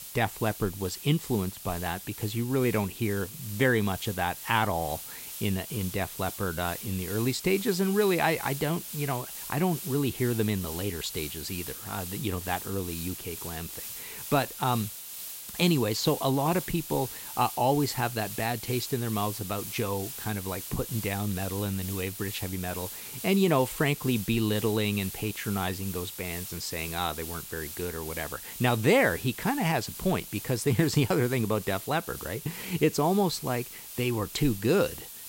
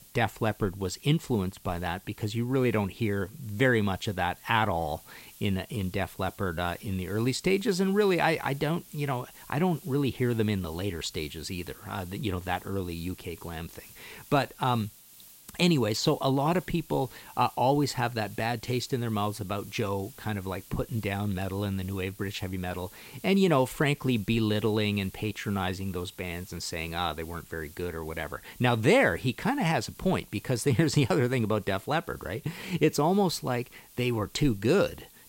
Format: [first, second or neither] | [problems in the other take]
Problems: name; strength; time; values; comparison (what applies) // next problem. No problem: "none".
second | hiss; loud; throughout; 9 dB below the speech; faint in the second